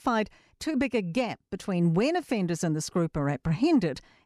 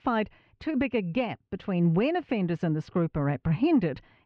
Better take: first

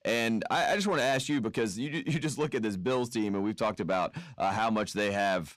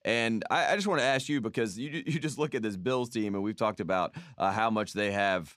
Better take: second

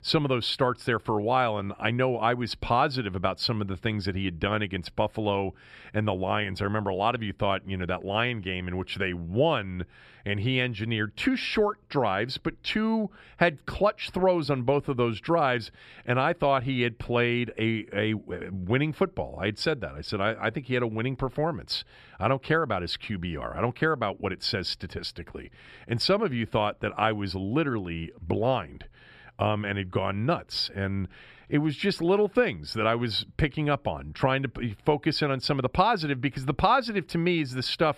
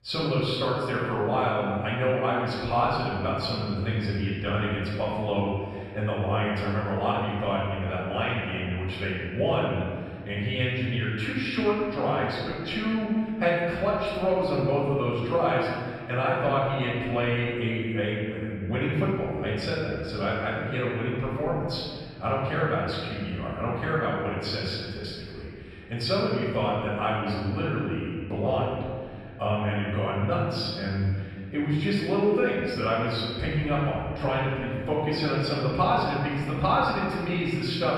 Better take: first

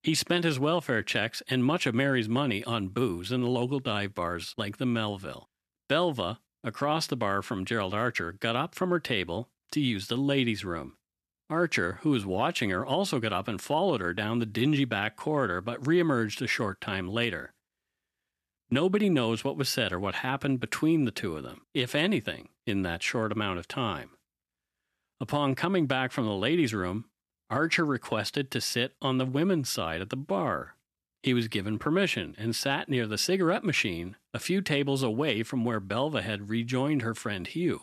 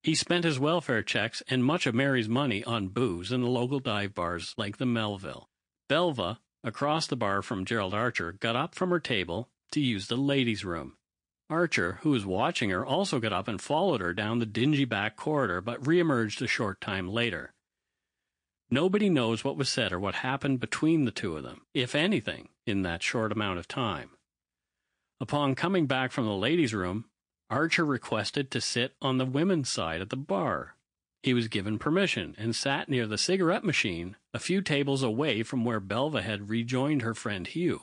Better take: first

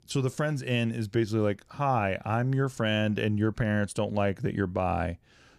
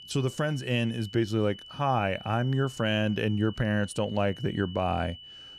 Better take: first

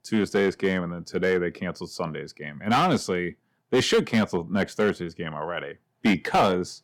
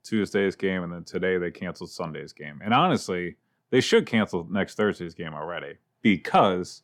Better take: second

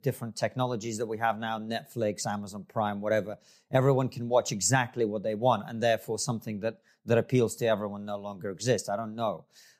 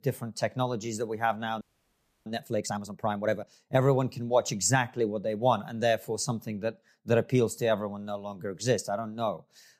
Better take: first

